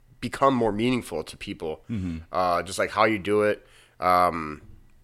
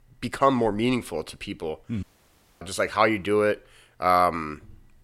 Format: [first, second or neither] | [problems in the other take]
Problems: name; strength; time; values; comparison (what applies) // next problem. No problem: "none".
first | audio cutting out; at 2 s for 0.5 s